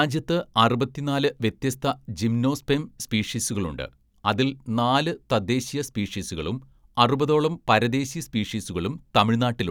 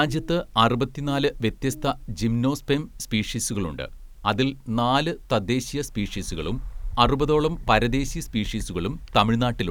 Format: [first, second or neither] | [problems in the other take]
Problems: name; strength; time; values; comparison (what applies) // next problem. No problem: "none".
first | background sound (Bird); 11 dB below the speech